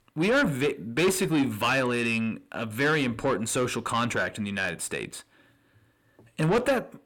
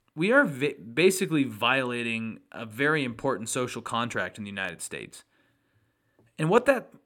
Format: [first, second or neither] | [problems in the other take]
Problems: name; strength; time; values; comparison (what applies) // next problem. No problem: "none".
second | distortion; heavy; 6 dB below the speech